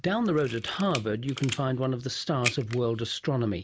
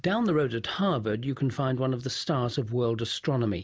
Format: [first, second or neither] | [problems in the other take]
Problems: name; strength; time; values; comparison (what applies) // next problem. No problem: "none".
second | background sound (Camera); 11 dB below the speech